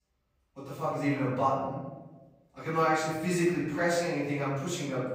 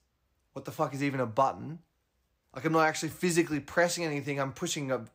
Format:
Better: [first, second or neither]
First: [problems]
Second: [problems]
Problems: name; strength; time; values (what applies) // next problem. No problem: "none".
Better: second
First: off-mic speech; far // room echo; noticeable; dies away in 1 s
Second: none